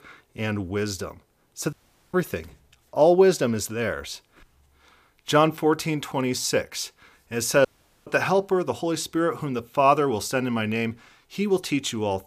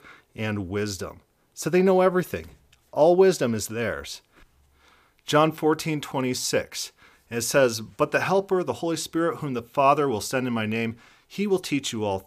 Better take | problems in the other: second | audio cutting out; at 1.5 s and at 7.5 s

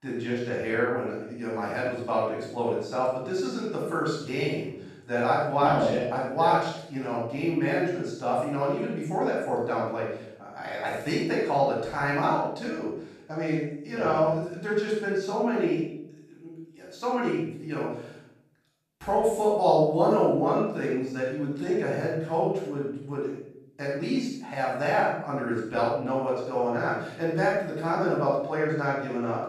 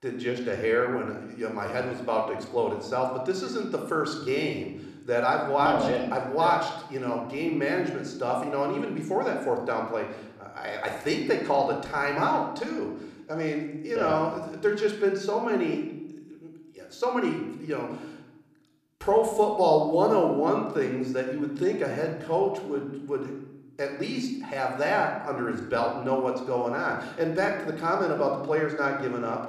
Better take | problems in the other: second | room echo; strong; dies away in 0.7 s; slight in the second // off-mic speech; far

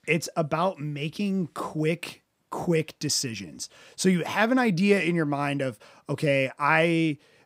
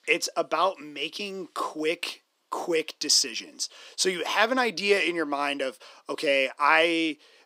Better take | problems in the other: first | thin; somewhat; fading below 300 Hz

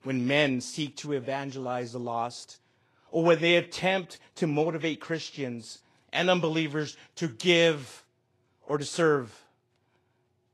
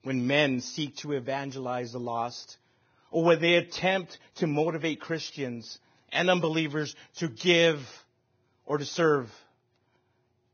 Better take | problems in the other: first | garbled, watery; badly; nothing above 6.5 kHz; slightly in the first

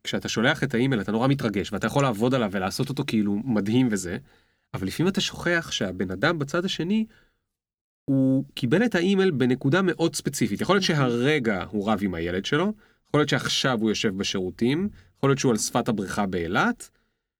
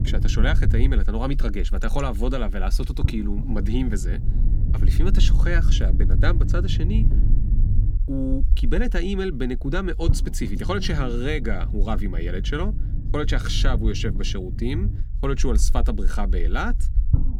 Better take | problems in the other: first | low rumble; noticeable; throughout; 10 dB below the speech

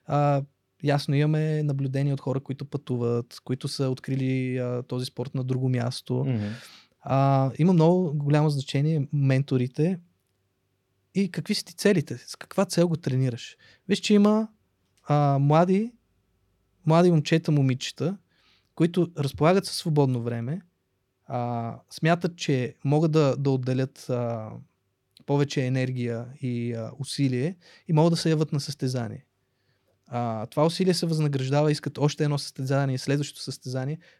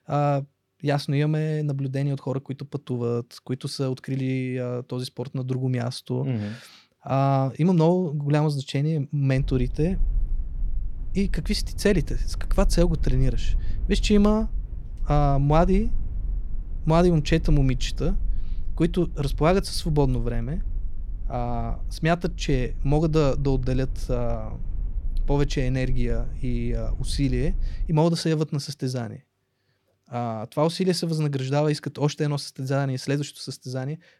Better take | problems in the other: first | low rumble; faint; from 9.5 to 28 s; 25 dB below the speech

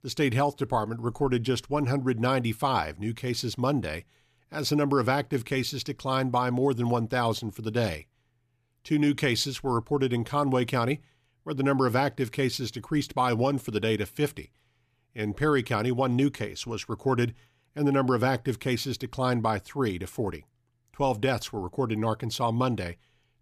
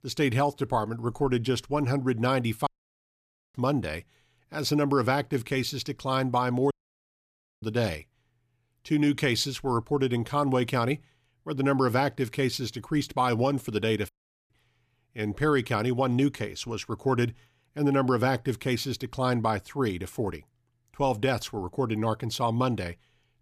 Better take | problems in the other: first | audio cutting out; at 2.5 s for 1 s, at 6.5 s for 1 s and at 14 s

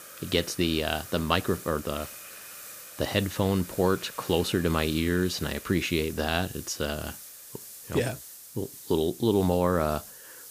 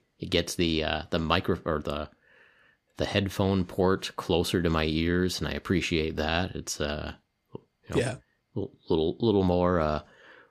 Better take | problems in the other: second | hiss; noticeable; throughout; 15 dB below the speech

